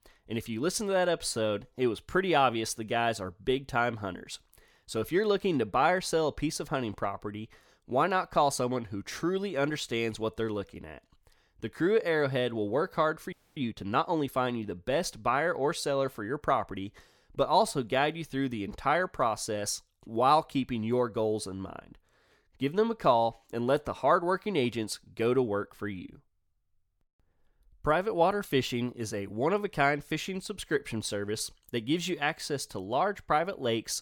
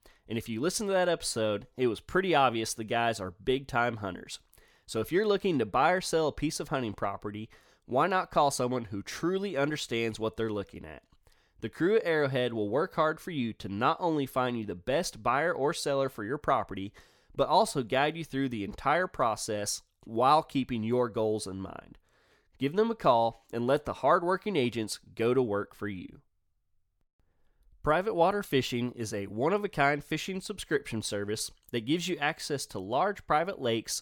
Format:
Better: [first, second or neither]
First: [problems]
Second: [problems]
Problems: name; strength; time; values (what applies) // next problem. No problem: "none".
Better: second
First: audio freezing; at 13 s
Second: none